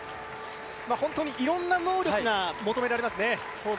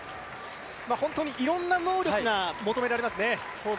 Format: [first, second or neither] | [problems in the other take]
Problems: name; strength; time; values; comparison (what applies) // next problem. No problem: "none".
second | background sound (Wind instrument, woodwind instrument); 18 dB below the speech